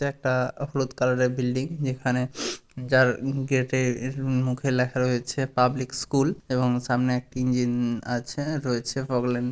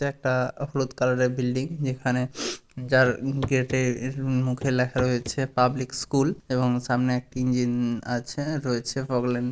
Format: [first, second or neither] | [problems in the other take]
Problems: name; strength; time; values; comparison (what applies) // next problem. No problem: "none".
first | background sound (Walk, footsteps / Run / Wood); 12 dB below the speech